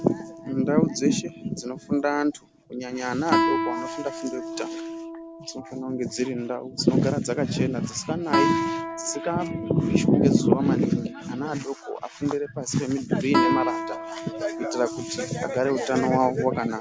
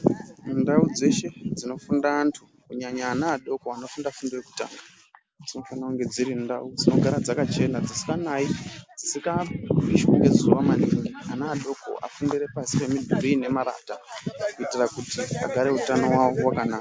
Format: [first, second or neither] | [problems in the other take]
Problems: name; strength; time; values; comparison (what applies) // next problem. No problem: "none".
second | background sound (Guitar); 6 dB below the speech